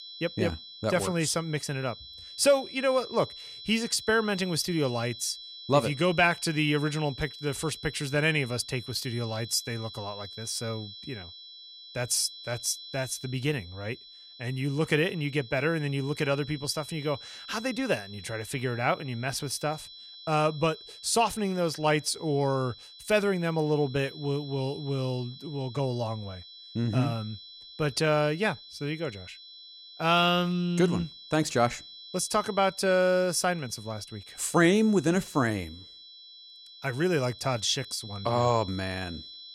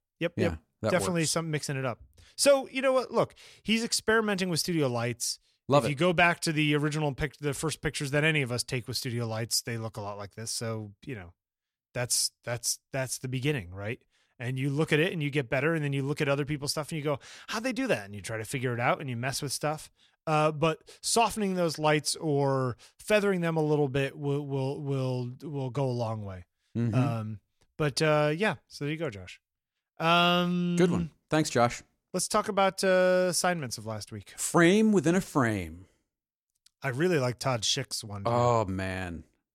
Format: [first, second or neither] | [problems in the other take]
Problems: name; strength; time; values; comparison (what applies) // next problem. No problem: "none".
second | high-pitched whine; noticeable; throughout; 4 kHz, 15 dB below the speech